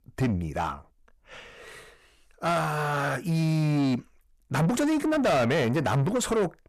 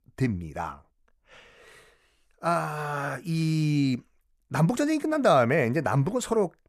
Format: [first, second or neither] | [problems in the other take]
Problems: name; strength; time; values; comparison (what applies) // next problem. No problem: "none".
second | distortion; heavy; 8 dB below the speech